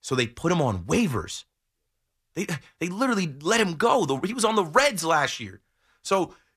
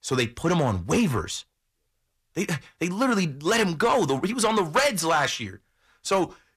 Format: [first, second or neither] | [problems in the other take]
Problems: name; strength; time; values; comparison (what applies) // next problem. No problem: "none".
first | distortion; slight; 10 dB below the speech